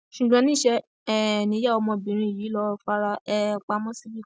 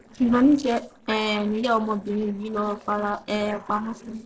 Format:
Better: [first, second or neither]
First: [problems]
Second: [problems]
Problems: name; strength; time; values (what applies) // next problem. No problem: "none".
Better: first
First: none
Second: noise reduction (neural separator model SepFormer DNS4)